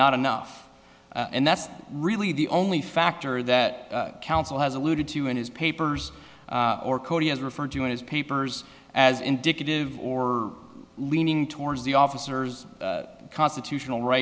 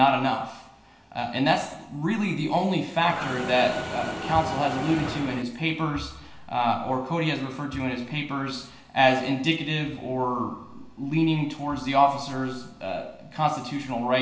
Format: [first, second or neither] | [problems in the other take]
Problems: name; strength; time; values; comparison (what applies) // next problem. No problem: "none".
first | background sound (Mechanisms); 7 dB below the speech // room echo; dies away in 0.7 s